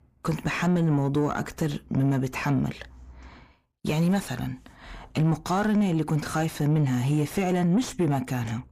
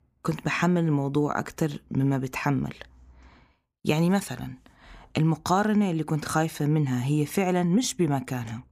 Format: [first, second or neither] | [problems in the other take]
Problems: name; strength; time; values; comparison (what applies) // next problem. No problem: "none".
second | distortion; slight; 9 dB below the speech